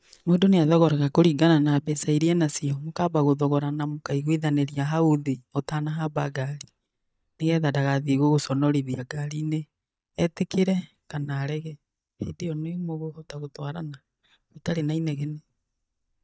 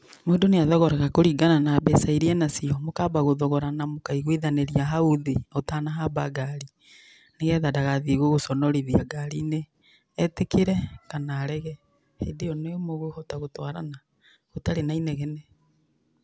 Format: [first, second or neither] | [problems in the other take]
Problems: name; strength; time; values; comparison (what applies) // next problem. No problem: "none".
second | noise reduction (neural mask model DeepFilterNet 3)